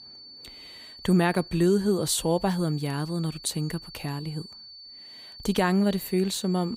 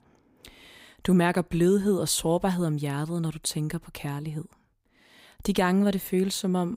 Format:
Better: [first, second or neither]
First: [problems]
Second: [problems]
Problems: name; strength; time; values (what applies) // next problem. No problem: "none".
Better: second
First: high-pitched whine; noticeable; throughout; 4.5 kHz, 15 dB below the speech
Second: none